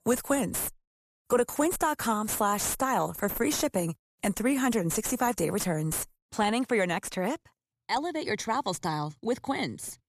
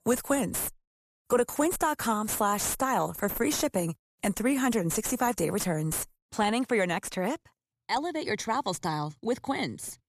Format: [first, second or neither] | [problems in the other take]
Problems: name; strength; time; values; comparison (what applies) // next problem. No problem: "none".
neither | distortion; slight; 9 dB below the speech; the same in both